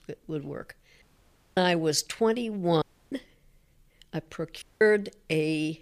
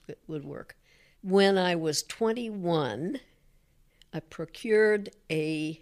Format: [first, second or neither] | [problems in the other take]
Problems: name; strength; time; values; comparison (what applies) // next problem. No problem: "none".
second | audio cutting out; at 1 s for 0.5 s, at 3 s and at 4.5 s